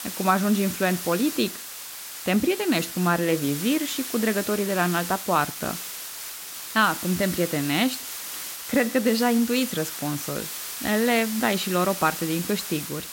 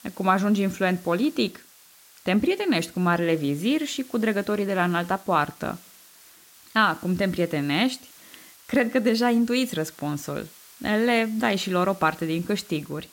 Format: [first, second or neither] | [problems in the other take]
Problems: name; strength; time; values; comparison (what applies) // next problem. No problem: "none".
second | hiss; loud; throughout; 7 dB below the speech; faint in the second